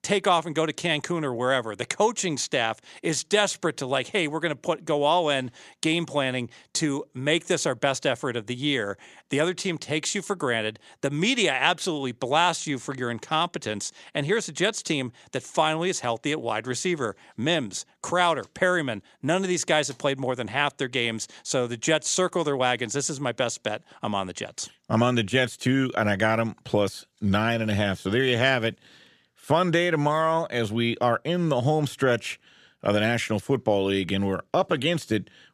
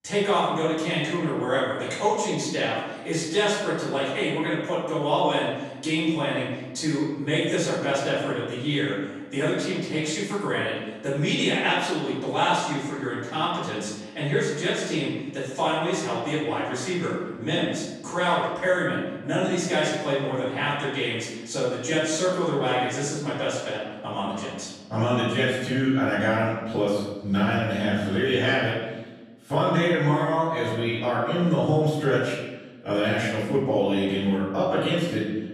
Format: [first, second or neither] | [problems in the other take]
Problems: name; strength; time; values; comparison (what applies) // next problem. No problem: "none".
first | off-mic speech; far // room echo; noticeable; dies away in 1.1 s